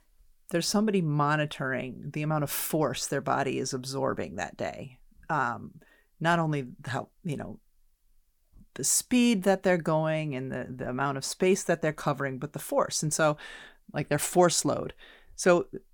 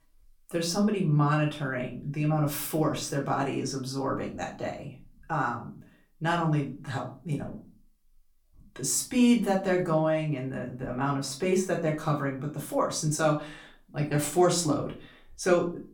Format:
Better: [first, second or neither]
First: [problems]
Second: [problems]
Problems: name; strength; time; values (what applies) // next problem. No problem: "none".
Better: first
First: none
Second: off-mic speech; far // room echo; very slight; dies away in 0.3 s